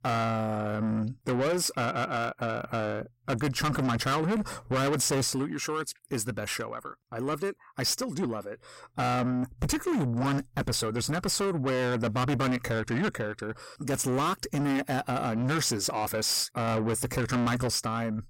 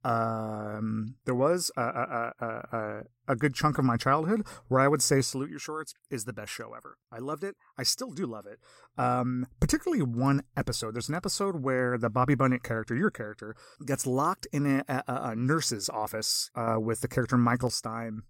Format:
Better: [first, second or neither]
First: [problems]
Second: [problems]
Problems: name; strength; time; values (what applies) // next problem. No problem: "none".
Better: second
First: distortion; heavy; 6 dB below the speech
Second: none